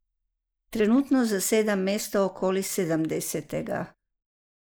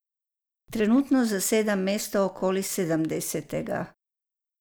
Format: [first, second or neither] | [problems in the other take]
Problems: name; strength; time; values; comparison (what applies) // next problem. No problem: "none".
second | noise reduction (neural mask model Resemble Enhance denoiser)